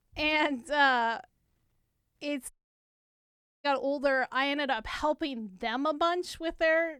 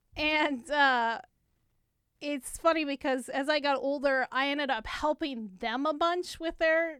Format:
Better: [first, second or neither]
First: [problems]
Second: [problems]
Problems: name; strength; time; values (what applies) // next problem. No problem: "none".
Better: second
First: audio cutting out; at 2.5 s for 1 s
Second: none